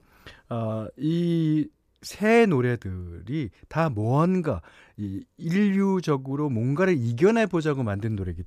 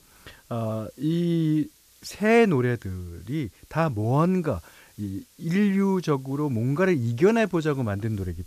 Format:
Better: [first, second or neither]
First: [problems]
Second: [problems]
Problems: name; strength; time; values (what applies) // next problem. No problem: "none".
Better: first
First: none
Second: hiss; faint; throughout; 30 dB below the speech